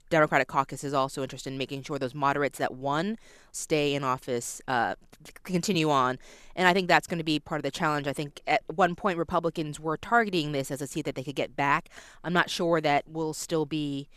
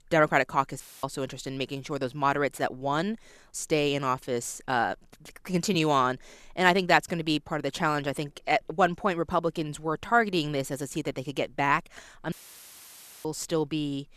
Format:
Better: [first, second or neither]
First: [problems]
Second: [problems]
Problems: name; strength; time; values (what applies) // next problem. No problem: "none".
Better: first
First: none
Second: audio cutting out; filled with static; at 1 s and at 12 s for 1 s